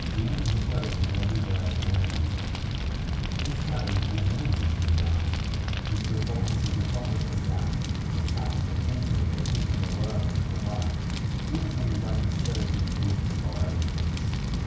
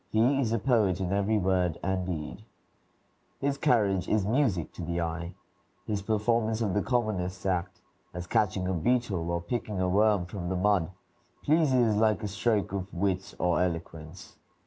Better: second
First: background sound (Fire); 2 dB above the speech // room echo; dies away in 0.6 s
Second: none

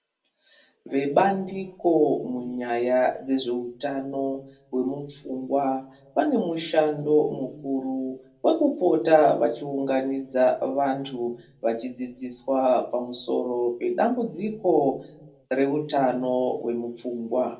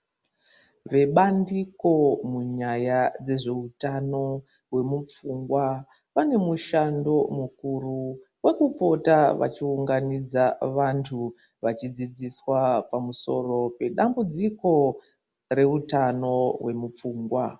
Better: second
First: room echo; dies away in 0.2 s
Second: none

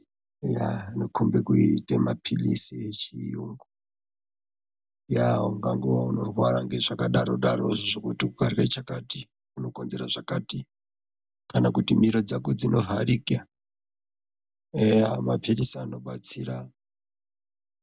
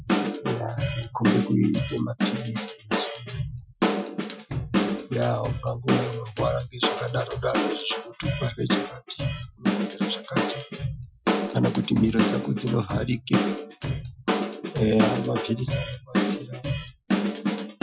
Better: first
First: none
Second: noise reduction (classical method Wiener filter)

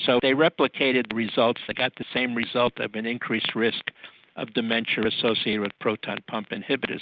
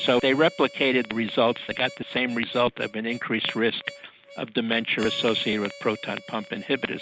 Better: first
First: none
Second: background sound (Harmonica); 19 dB below the speech

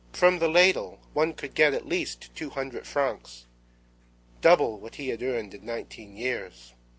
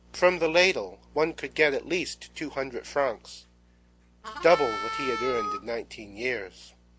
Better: first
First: none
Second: background sound (Harmonica); 5 dB below the speech

